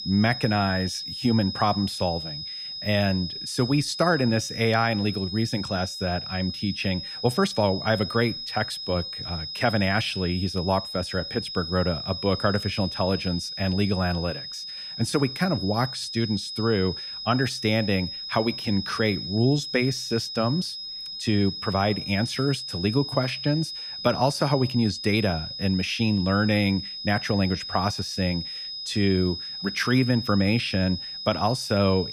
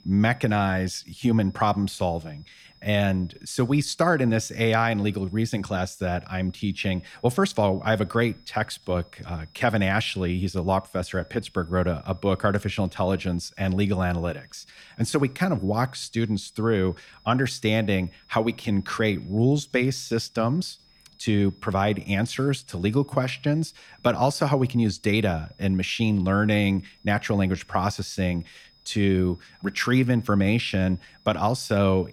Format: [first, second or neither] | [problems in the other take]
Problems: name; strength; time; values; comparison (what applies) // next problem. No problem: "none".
second | high-pitched whine; loud; throughout; 5 kHz, 7 dB below the speech; faint in the second